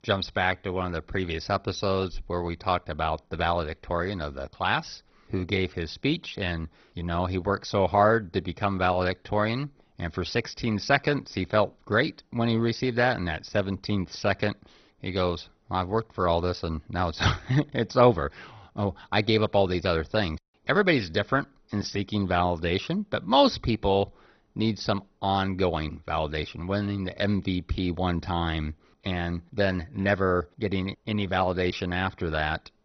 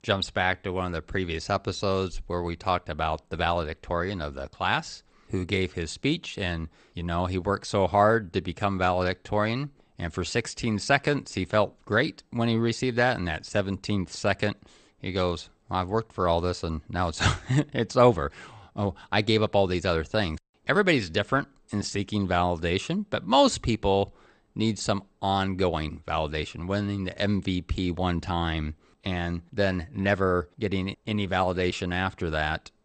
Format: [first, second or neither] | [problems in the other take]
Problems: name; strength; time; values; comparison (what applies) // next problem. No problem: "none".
second | garbled, watery; badly; nothing above 6 kHz; slightly in the second